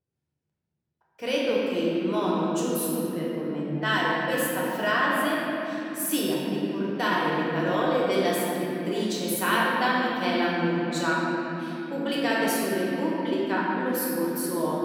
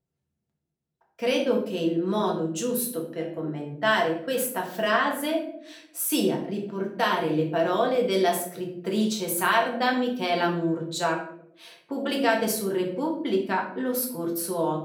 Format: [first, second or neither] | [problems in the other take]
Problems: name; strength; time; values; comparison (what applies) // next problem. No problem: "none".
second | room echo; strong; dies away in 3 s; slight in the second // off-mic speech; far; somewhat distant in the second